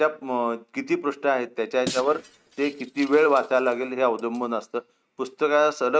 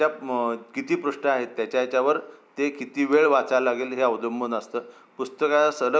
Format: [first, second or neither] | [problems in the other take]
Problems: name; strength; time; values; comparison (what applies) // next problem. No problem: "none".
second | noise reduction (neural mask model RNNoise)